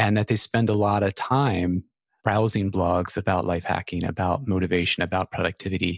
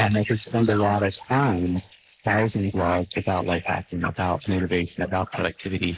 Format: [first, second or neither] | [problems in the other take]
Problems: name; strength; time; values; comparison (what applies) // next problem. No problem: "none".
first | noise reduction (neural mask model Resemble Enhance denoiser)